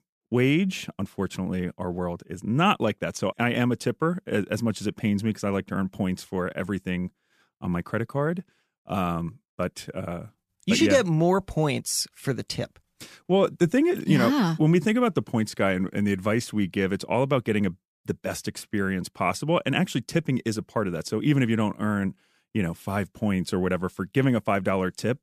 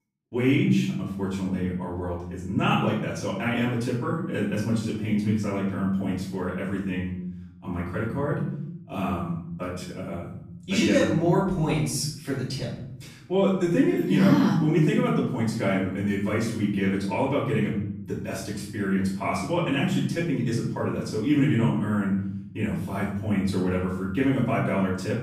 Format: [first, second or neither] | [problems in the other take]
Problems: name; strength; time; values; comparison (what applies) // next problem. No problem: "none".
first | room echo; noticeable; dies away in 1 s // off-mic speech; far